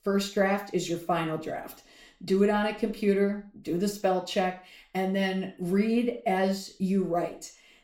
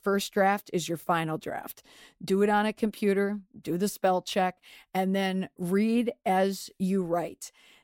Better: second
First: room echo; slight; dies away in 0.4 s // off-mic speech; somewhat distant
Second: none

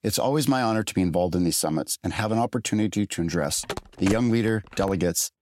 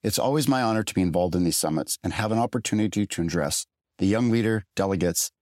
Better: second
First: phone ringing; noticeable; from 3.5 to 5 s; peak 9 dB below the speech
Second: none

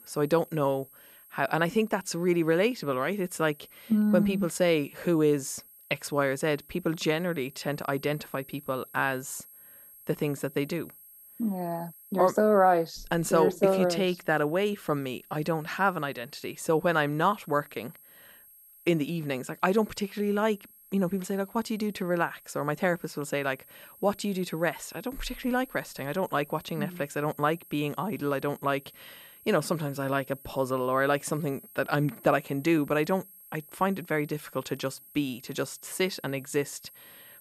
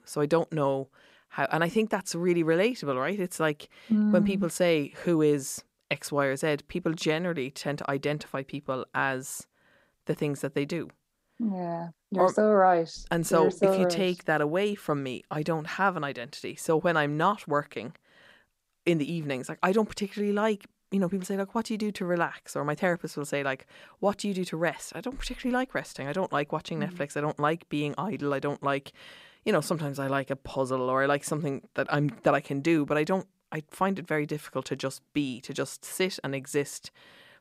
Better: second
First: high-pitched whine; faint; throughout; 11.5 kHz, 20 dB below the speech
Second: none

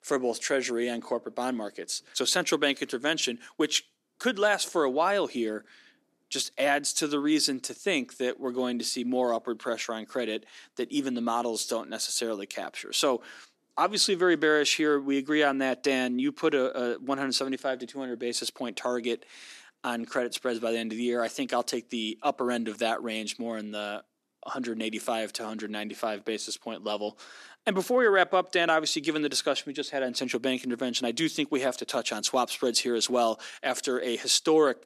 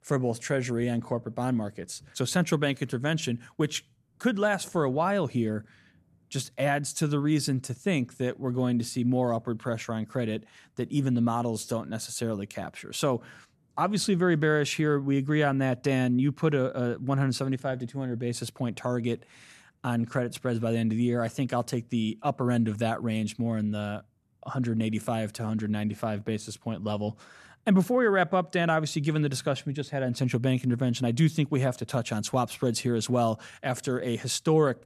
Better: second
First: thin; somewhat; fading below 300 Hz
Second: none

